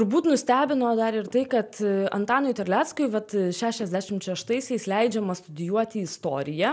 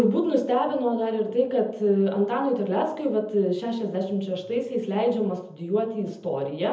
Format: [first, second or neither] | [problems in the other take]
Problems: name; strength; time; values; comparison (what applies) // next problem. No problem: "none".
first | room echo; dies away in 0.7 s